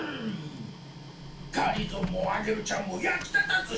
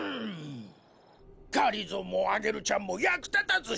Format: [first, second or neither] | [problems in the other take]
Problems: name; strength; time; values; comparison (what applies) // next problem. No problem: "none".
second | background sound (Printer); 9 dB below the speech // room echo; dies away in 0.3 s